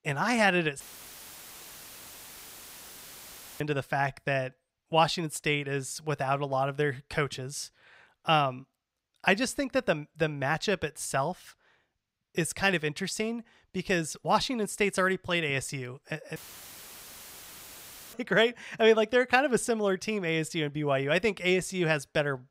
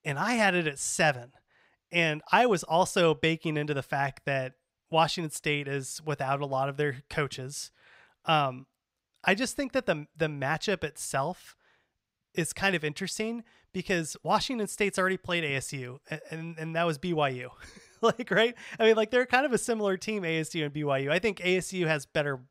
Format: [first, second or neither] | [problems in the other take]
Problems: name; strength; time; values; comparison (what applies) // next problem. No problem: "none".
second | audio cutting out; filled with static; at 1 s for 3 s and at 16 s for 2 s